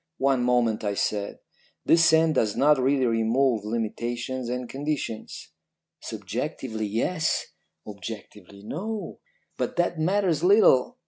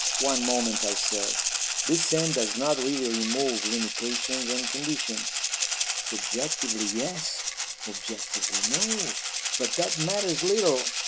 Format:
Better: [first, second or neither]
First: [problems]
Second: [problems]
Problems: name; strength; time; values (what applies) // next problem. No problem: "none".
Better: first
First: none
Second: background sound (Rattle (instrument)); 2 dB above the speech